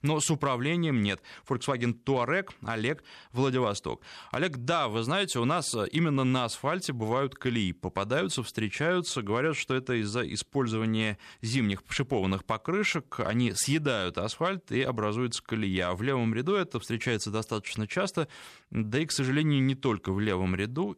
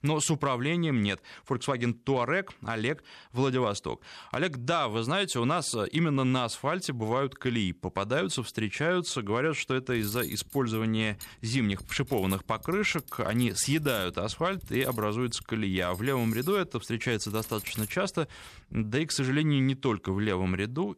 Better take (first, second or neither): first